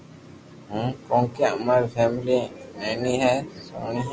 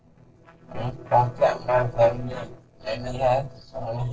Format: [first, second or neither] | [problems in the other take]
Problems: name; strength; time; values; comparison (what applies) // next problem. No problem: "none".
first | noise reduction (neural separator model SepFormer DNS4)